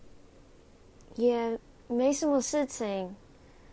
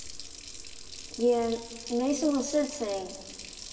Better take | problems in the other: first | background sound (Water tap, faucet); 14 dB below the speech // room echo; dies away in 1.2 s

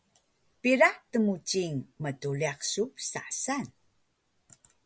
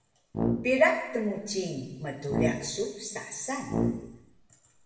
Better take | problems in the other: first | background sound (Brass instrument); as loud as the speech // room echo; dies away in 1.1 s

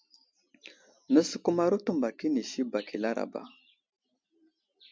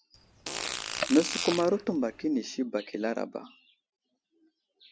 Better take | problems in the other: first | background sound (Fart); 5 dB below the speech

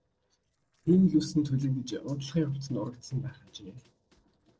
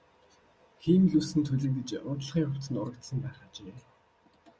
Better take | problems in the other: second | noise reduction (neural separator model SepFormer DNS4)

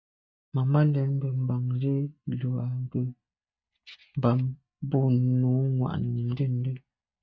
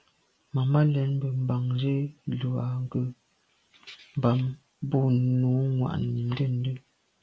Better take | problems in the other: second | noise reduction (neural mask model DeepFilterNet 3)

